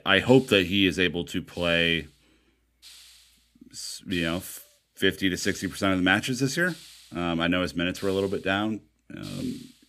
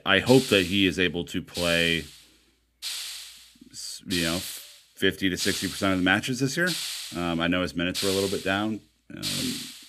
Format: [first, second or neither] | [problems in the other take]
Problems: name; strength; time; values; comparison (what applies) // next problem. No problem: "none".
first | hiss; loud; throughout; 7 dB below the speech; faint in the first